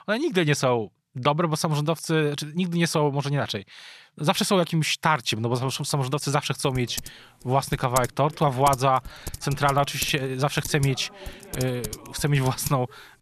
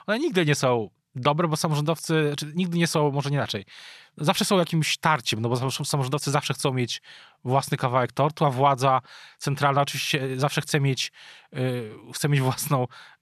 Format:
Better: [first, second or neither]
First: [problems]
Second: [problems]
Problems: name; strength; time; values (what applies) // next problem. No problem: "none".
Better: second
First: keyboard typing; noticeable; from 7 to 13 s; peak 7 dB below the speech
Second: none